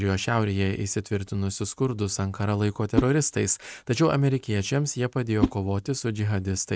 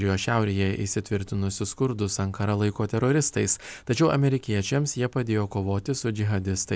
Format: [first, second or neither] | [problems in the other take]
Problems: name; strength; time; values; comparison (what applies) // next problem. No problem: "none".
second | noise reduction (neural mask model RNNoise)